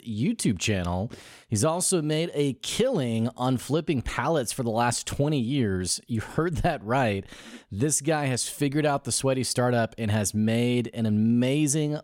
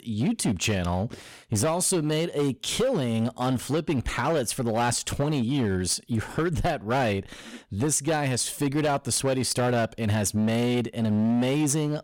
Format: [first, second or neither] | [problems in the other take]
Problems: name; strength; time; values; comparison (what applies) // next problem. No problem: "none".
first | distortion; slight; 13% of the sound clipped